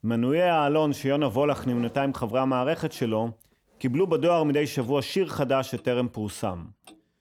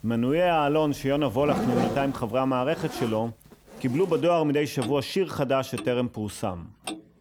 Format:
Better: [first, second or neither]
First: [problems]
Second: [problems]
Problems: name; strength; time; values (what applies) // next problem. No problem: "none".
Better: first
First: household noises; faint; throughout; 25 dB below the speech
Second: household noises; loud; throughout; 8 dB below the speech